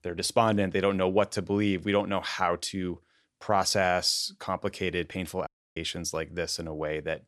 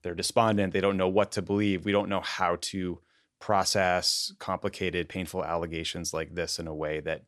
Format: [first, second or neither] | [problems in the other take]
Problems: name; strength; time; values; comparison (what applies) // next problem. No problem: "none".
second | audio cutting out; at 5.5 s